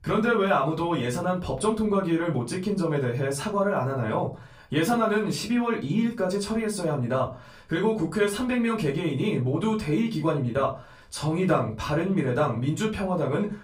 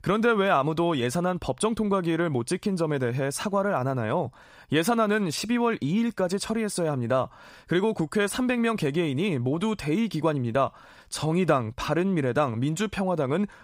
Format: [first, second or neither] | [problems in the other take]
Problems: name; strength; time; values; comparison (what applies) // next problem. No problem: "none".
second | off-mic speech; far // room echo; very slight; dies away in 0.3 s